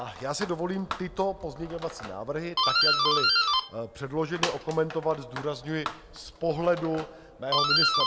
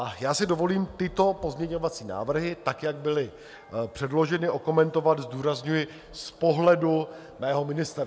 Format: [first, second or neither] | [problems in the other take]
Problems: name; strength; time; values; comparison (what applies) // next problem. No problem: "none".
second | background sound (Doorbell); 1 dB above the speech